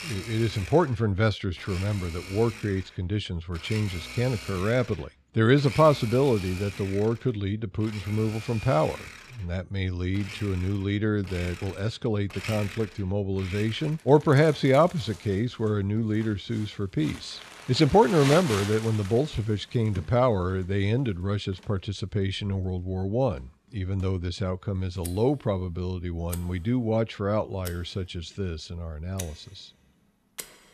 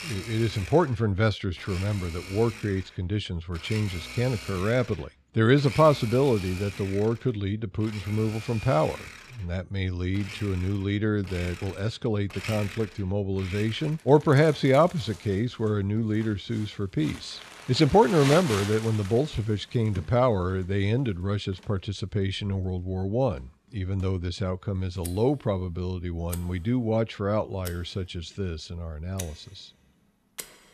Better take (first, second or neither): neither